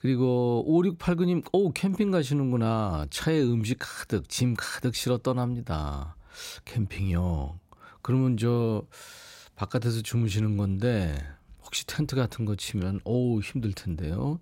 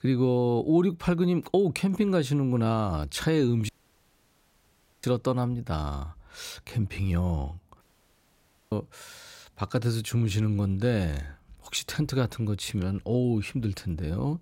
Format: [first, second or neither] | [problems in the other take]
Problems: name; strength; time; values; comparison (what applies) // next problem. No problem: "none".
first | audio cutting out; at 3.5 s for 1.5 s and at 8 s for 1 s